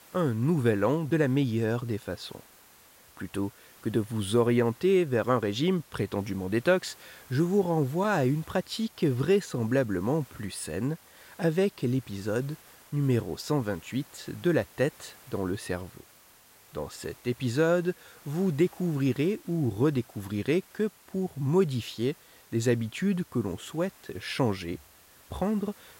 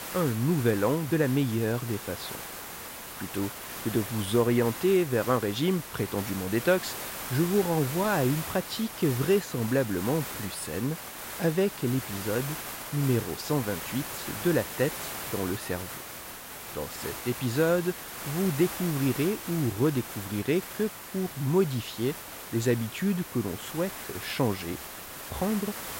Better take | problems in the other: first | hiss; loud; throughout; 8 dB below the speech; faint in the first

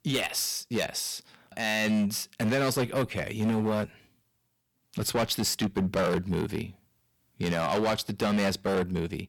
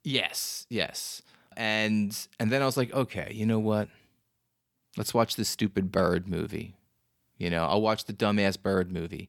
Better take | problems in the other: second | distortion; heavy; 11% of the sound clipped

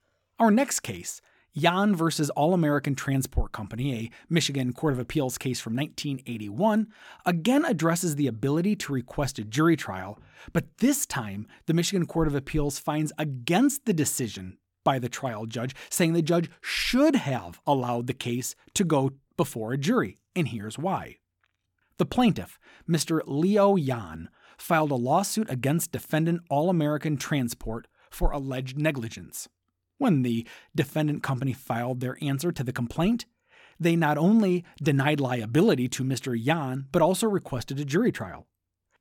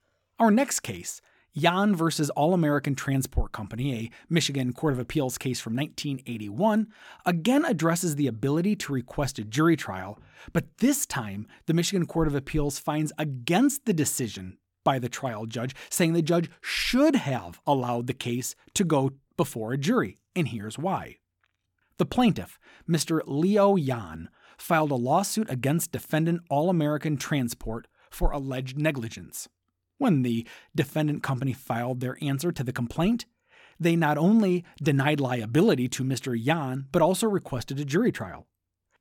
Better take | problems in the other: neither | none

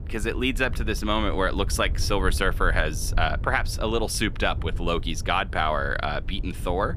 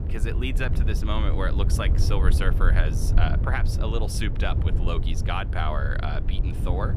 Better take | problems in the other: first | low rumble; loud; throughout; 8 dB below the speech; faint in the first

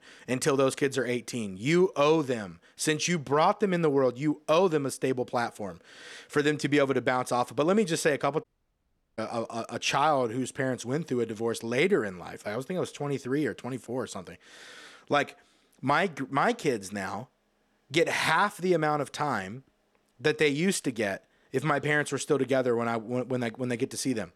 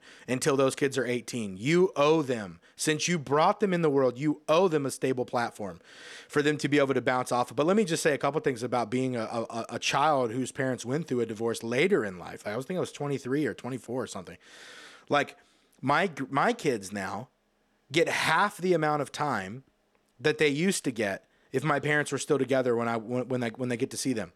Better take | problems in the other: second | audio cutting out; at 8.5 s for 0.5 s

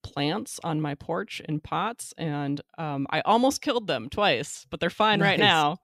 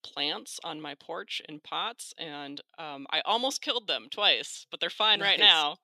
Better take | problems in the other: first | thin; somewhat; fading below 350 Hz

